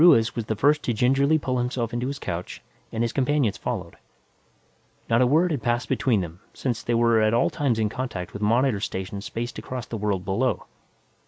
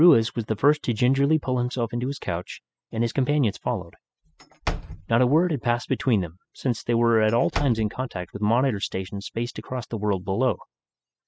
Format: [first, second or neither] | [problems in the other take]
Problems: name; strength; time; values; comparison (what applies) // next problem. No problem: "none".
first | noise reduction (classical method spectral subtraction)